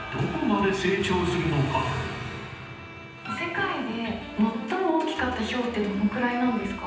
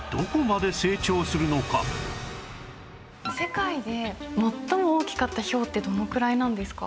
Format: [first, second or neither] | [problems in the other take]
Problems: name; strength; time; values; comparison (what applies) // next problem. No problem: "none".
second | background sound (Bowed string instrument); 18 dB below the speech // room echo; dies away in 0.9 s